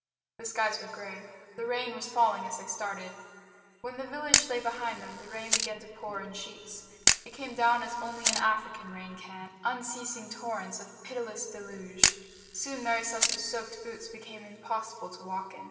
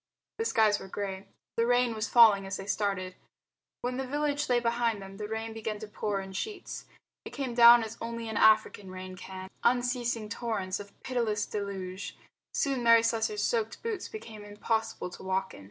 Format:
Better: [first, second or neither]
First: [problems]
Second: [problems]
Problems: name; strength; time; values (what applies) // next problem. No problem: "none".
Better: second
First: background sound (Camera); 3 dB above the speech // room echo; dies away in 2.3 s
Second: none